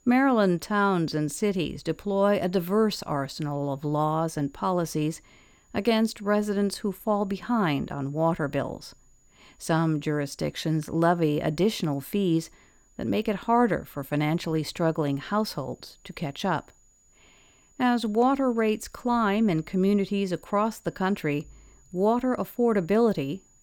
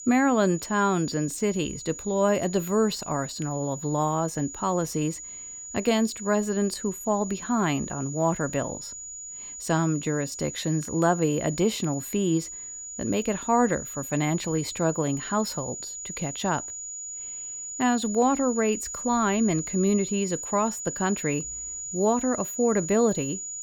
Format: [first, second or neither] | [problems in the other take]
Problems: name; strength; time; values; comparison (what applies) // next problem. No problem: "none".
first | high-pitched whine; loud; throughout; 7 kHz, 8 dB below the speech; faint in the first